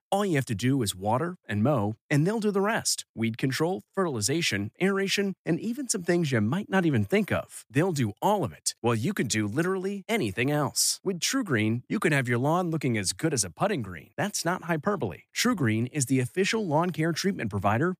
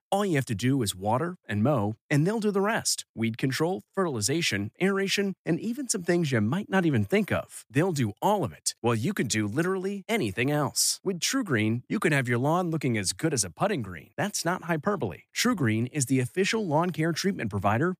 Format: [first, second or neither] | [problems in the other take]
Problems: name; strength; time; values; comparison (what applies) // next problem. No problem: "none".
neither | none